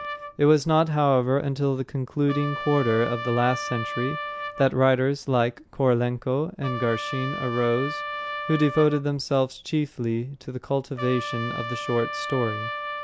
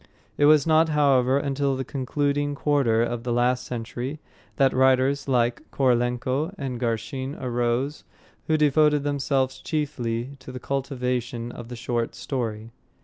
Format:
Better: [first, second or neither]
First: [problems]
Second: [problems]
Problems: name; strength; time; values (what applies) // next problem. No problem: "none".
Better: second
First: background sound (Trumpet); 10 dB below the speech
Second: none